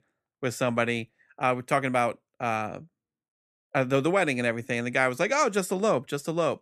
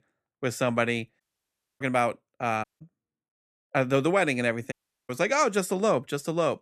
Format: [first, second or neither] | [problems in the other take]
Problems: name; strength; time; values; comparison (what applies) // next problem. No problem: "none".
first | audio cutting out; at 1 s for 0.5 s, at 2.5 s and at 4.5 s